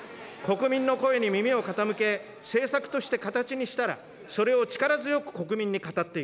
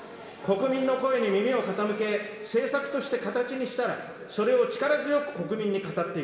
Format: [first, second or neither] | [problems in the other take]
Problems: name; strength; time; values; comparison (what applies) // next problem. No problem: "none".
first | room echo; dies away in 1.9 s